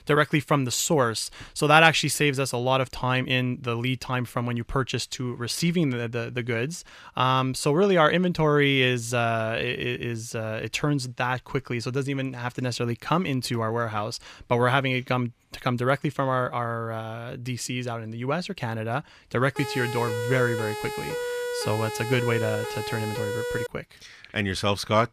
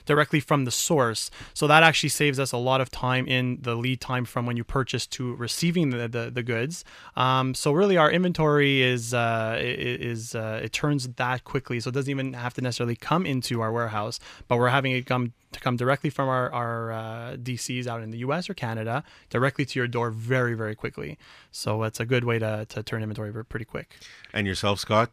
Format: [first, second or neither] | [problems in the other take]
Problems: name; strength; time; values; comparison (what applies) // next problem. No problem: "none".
second | siren; noticeable; from 20 to 24 s; peak 4 dB below the speech